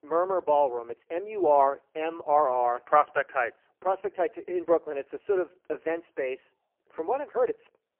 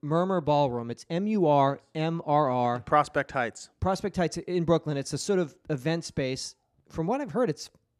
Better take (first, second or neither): second